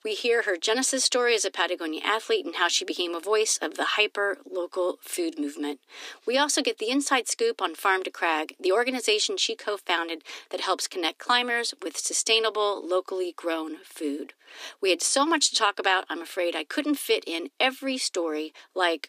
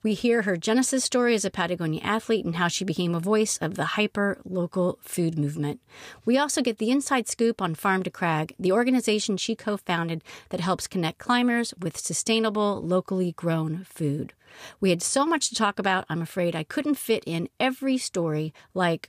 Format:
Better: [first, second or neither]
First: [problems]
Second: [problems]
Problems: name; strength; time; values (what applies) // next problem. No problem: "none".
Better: second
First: thin; somewhat; fading below 300 Hz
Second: none